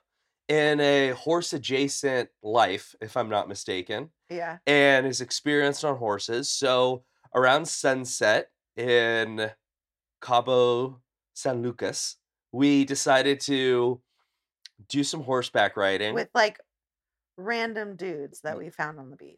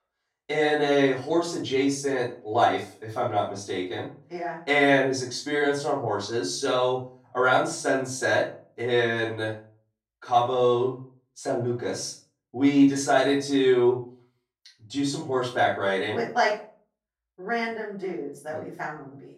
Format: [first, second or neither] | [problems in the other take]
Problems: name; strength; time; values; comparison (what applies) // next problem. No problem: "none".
first | off-mic speech; far // room echo; noticeable; dies away in 0.4 s